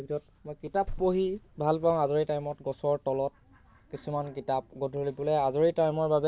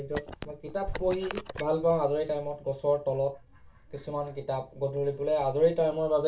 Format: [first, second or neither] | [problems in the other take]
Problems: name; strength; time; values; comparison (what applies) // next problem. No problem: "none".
first | background sound (Telephone); 12 dB below the speech // room echo; dies away in 0.3 s